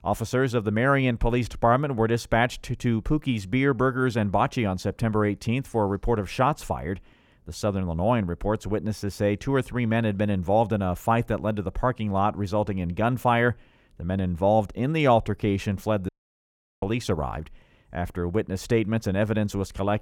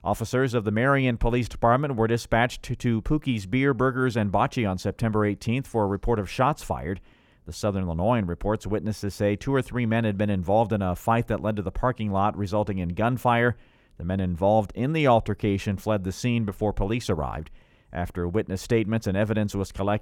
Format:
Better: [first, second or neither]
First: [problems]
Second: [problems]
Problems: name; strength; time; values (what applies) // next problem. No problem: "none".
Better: second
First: audio cutting out; at 16 s for 0.5 s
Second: none